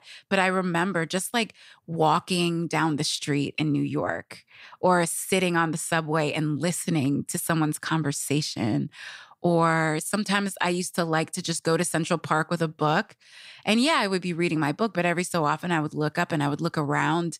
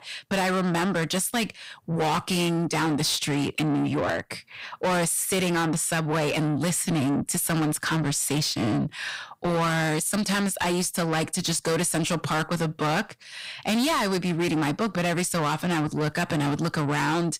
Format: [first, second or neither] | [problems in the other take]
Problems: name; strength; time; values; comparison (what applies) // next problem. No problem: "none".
first | distortion; heavy; 6 dB below the speech